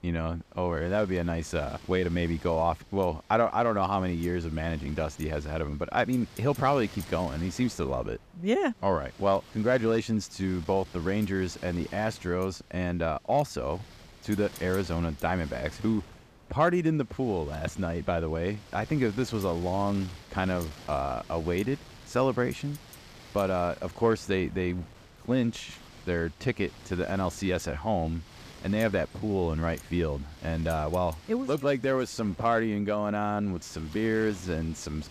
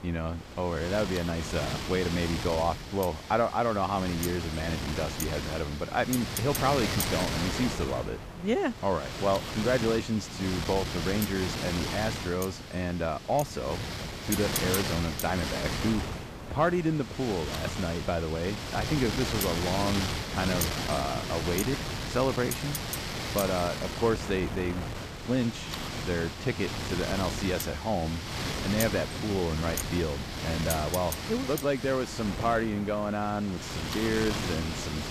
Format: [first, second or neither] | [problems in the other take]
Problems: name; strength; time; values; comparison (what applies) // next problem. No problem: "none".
first | wind noise on the microphone; heavy; 3 dB below the speech; occasional gusts in the first